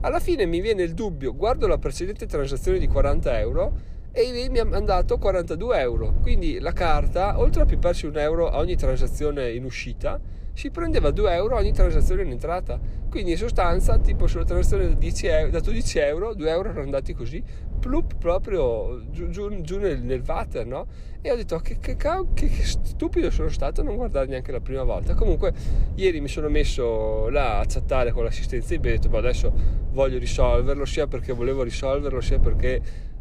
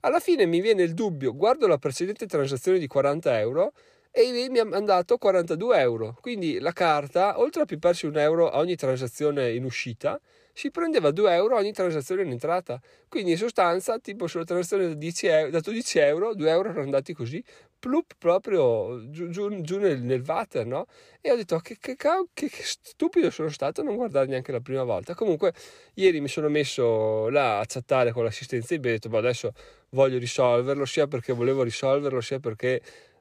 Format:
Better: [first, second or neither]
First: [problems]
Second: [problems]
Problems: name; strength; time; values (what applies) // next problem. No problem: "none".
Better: second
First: low rumble; noticeable; throughout; 20 dB below the speech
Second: none